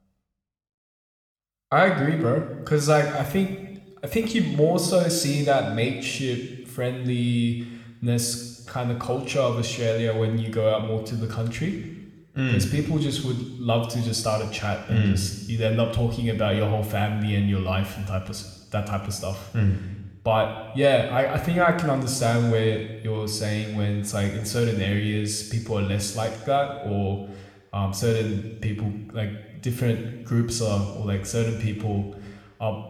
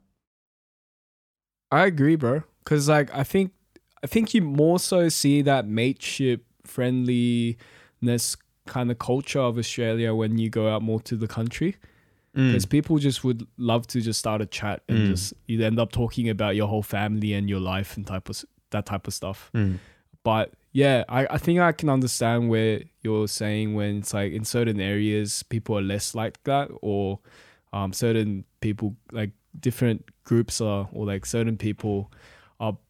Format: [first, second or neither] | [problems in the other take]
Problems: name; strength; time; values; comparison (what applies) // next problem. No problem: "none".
second | room echo; slight; dies away in 1 s